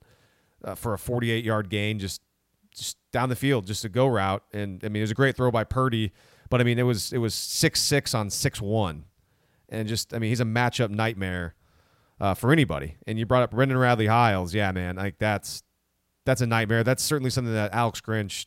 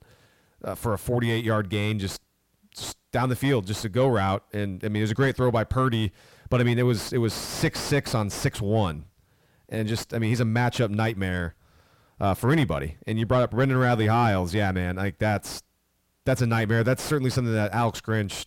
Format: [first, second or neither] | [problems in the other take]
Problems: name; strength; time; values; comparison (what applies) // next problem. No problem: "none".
first | distortion; slight; 10 dB below the speech